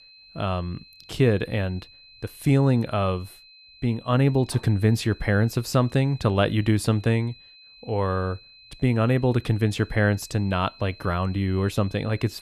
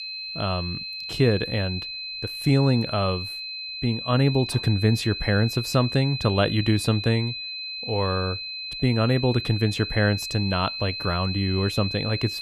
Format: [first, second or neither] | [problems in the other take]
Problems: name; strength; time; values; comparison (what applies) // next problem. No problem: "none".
first | high-pitched whine; loud; throughout; 4 kHz, 6 dB below the speech; faint in the first